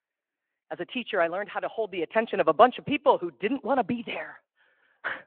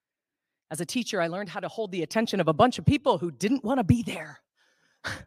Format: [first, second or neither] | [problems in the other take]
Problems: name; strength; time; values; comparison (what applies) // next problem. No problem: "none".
second | phone-call audio